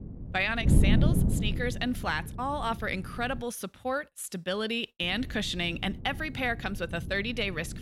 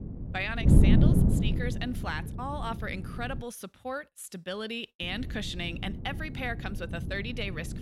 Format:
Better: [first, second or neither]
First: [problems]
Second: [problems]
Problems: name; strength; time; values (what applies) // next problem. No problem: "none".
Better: first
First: wind noise on the microphone; occasional gusts; until 3.5 s and from 5 s on; 10 dB below the speech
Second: wind noise on the microphone; heavy; until 3.5 s and from 5 s on; 3 dB below the speech